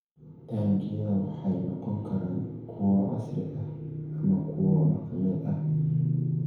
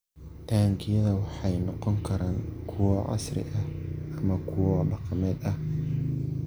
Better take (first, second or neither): second